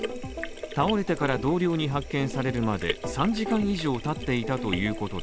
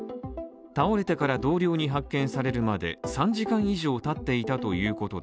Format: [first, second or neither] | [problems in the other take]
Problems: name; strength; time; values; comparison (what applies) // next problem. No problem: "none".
second | background sound (Sink (filling or washing)); 10 dB below the speech